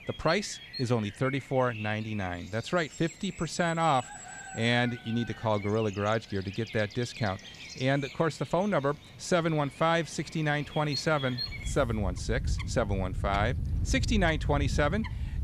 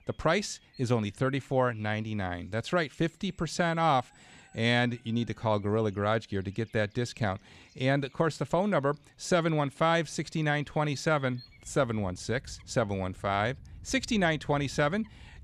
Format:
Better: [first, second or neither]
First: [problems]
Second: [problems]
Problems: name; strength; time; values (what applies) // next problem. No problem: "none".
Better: second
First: animal sounds; loud; throughout; 8 dB below the speech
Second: animal sounds; faint; throughout; 25 dB below the speech